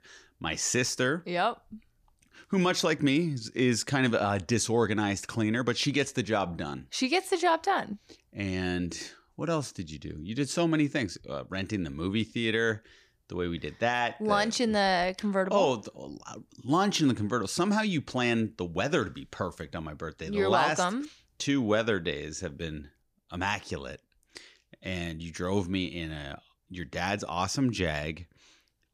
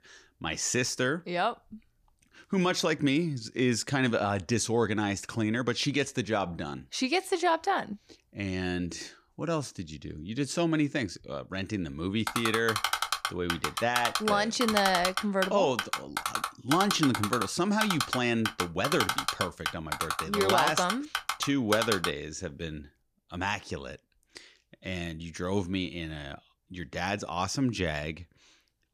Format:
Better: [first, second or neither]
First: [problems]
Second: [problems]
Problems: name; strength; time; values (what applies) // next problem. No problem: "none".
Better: first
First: none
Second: keyboard typing; loud; from 12 to 22 s; peak 2 dB above the speech